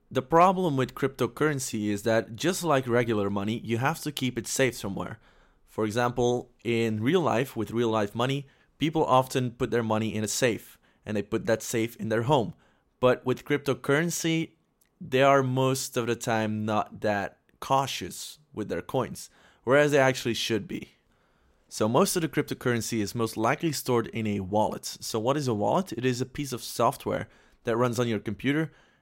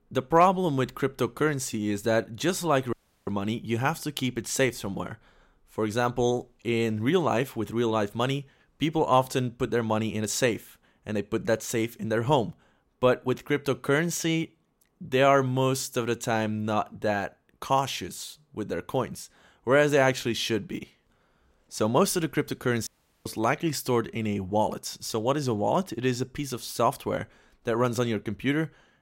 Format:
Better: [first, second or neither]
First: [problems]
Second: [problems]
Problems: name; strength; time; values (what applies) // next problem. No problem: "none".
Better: first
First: none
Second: audio cutting out; at 3 s and at 23 s